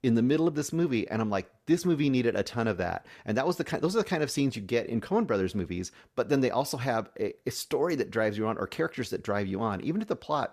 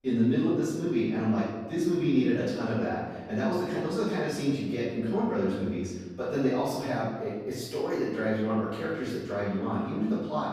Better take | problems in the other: first | room echo; strong; dies away in 1.3 s // off-mic speech; far

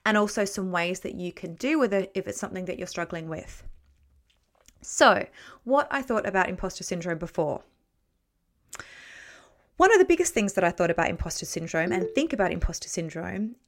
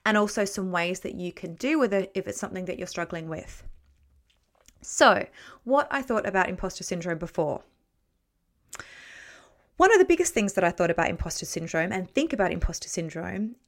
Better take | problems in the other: second | phone ringing; noticeable; at 12 s; peak 6 dB below the speech

